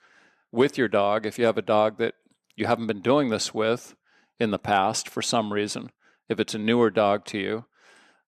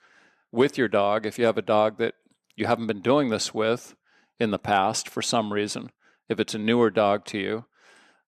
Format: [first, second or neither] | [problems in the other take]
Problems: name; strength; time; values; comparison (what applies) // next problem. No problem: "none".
neither | none